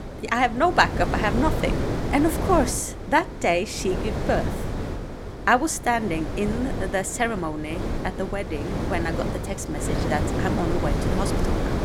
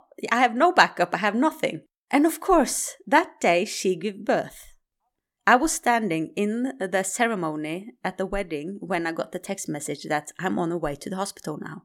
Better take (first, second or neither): second